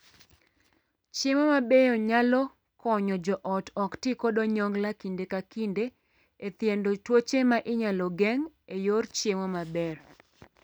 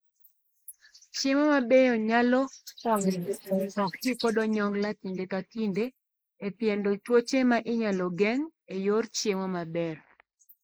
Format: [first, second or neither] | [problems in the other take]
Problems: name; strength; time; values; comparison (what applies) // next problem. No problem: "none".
first | noise reduction (neural mask model Resemble Enhance denoiser)